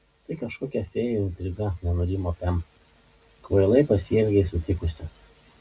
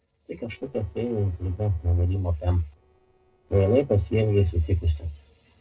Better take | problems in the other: first | noise reduction (neural separator model SepFormer DNS4)

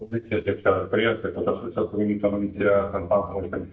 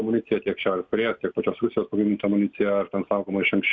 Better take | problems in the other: second | noise reduction (neural mask model DeepFilterNet 3)

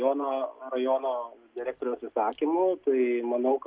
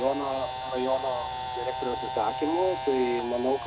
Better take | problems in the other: first | background sound (Camera); 5 dB below the speech

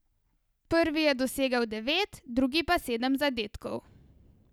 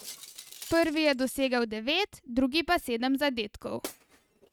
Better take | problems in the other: first | noise reduction (neural mask model RNNoise)

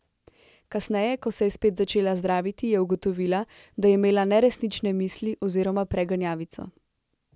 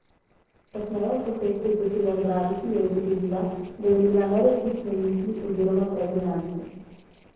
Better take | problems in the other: first | noise reduction (neural separator model SepFormer DNS4)

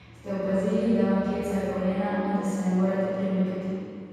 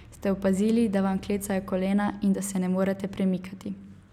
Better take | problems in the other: second | room echo; dies away in 2.2 s

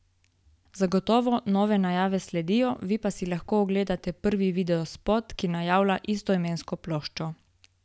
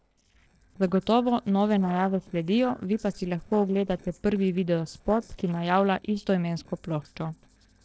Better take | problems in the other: first | noise reduction (neural separator model SepFormer DNS4)

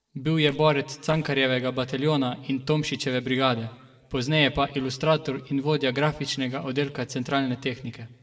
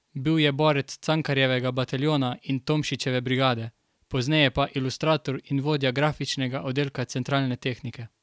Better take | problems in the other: second | noise reduction (neural separator model SepFormer DNS4)

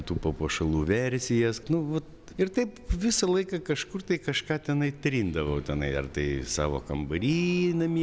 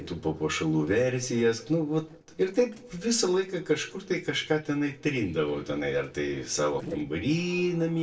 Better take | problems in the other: first | noise reduction (neural separator model SepFormer DNS4)

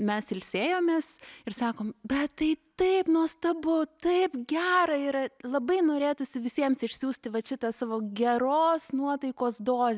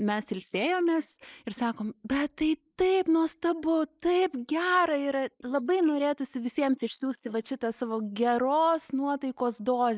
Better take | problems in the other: first | noise reduction (neural mask model Resemble Enhance denoiser)

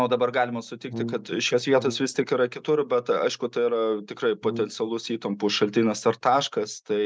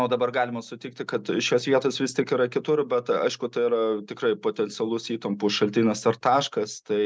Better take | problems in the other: second | noise reduction (neural mask model DeepFilterNet 3)

